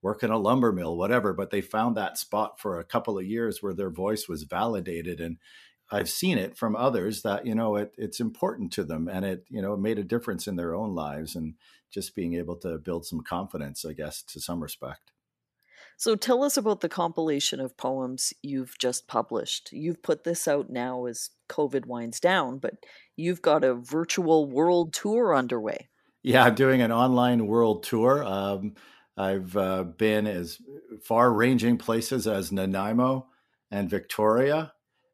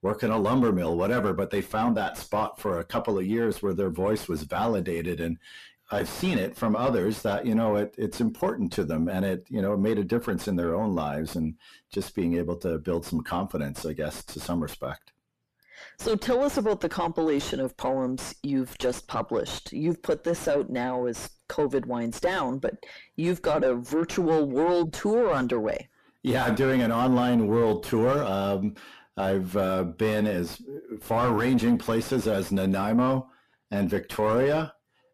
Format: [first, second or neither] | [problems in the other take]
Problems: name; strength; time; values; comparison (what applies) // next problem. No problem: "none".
first | distortion; heavy; 6 dB below the speech